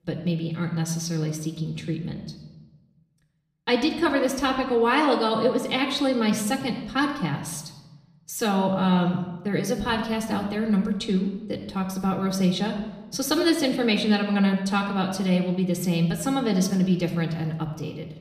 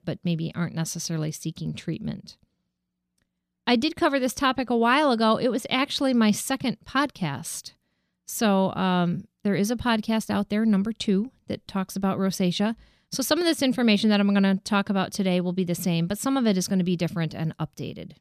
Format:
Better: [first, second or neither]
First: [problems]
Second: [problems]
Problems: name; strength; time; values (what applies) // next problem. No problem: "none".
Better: second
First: room echo; slight; dies away in 0.9 s // off-mic speech; somewhat distant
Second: none